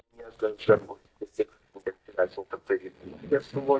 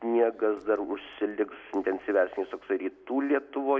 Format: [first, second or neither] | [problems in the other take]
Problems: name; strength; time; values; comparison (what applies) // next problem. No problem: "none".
second | noise reduction (neural mask model DeepFilterNet 3)